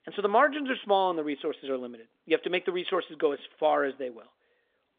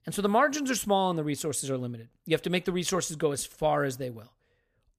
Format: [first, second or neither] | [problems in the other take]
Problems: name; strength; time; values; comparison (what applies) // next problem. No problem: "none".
second | phone-call audio